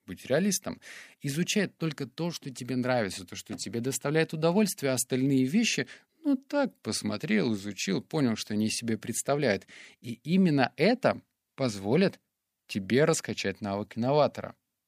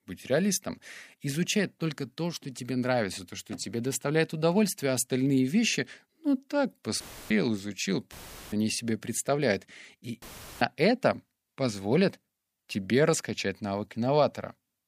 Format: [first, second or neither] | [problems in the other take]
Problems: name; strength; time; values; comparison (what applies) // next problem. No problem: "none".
first | audio cutting out; filled with static; at 7 s, at 8 s and at 10 s